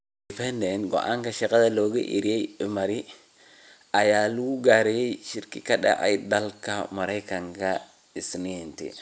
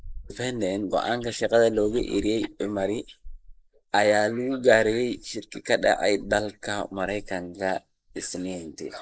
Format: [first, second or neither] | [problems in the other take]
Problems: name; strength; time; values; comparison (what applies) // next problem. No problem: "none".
first | noise reduction (neural mask model Resemble Enhance denoiser)